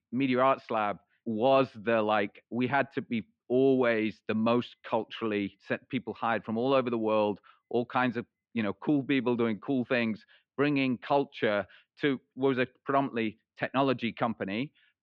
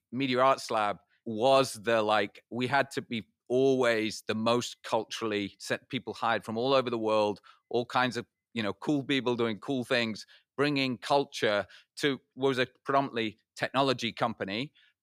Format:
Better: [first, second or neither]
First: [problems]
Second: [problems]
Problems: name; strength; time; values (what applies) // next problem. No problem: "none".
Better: second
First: muffled; slightly; fading above 3 kHz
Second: none